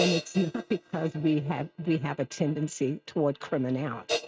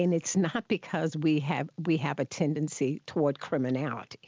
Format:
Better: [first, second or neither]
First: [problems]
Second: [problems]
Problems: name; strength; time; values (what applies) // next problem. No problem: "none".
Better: second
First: noise reduction (neural mask model RNNoise)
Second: none